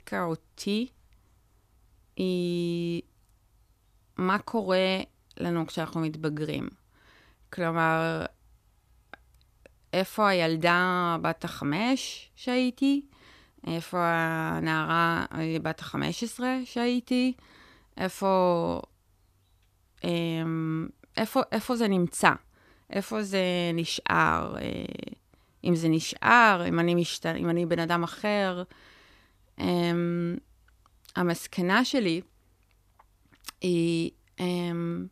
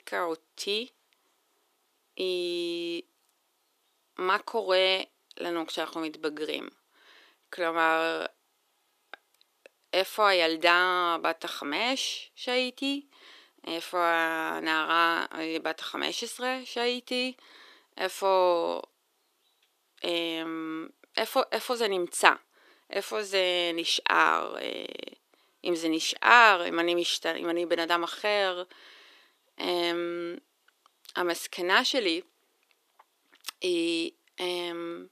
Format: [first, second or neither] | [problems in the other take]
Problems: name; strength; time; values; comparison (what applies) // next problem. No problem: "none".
first | thin; somewhat; fading below 350 Hz